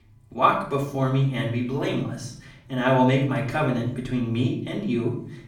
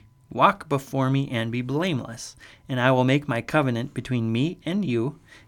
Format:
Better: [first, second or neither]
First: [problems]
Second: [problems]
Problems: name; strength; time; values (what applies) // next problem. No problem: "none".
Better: second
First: off-mic speech; far // room echo; slight; dies away in 0.6 s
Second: none